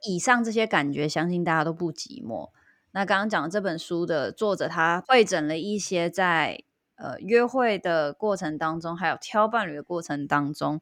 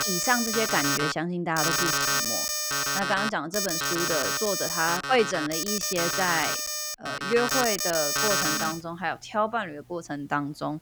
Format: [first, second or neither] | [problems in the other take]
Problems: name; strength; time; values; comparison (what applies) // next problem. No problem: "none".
first | alarms or sirens; very loud; throughout; 2 dB above the speech